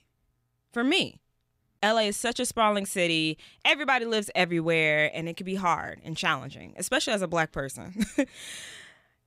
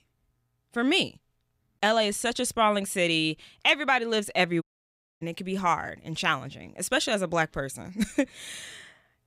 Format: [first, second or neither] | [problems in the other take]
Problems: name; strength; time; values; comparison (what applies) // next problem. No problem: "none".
first | audio cutting out; at 4.5 s for 0.5 s